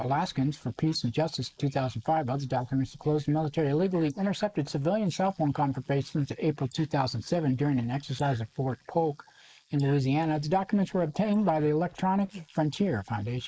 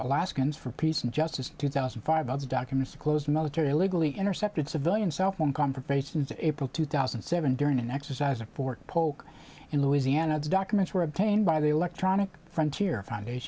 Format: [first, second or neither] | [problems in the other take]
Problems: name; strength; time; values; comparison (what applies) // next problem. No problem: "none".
second | noise reduction (neural mask model Resemble Enhance denoiser)